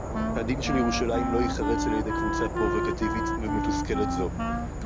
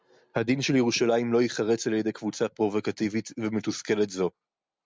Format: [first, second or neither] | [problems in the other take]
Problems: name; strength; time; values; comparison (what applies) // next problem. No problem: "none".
second | background sound (Insect / Frog + Wind instrument, woodwind instrument); 3 dB above the speech